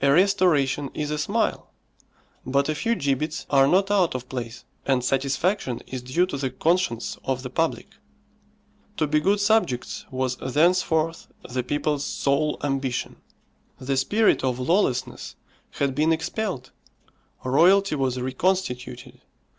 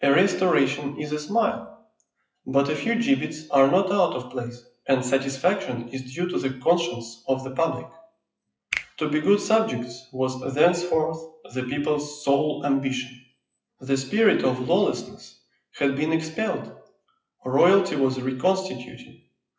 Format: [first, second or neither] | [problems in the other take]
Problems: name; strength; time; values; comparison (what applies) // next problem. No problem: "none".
first | noise reduction (classical method WPE with log-MMSE)